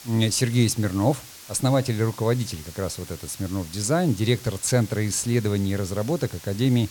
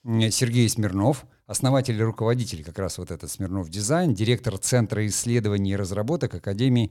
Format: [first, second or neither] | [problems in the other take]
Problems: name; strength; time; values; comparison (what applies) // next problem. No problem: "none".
second | hiss; noticeable; throughout; 15 dB below the speech